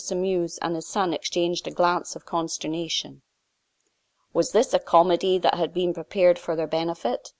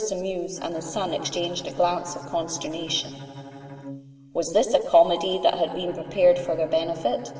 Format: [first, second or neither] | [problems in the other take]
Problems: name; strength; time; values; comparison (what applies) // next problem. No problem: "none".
first | background sound (Bowed string instrument); 17 dB below the speech // room echo; dies away in 2.4 s